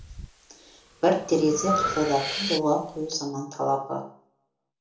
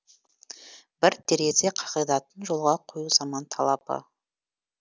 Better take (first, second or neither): second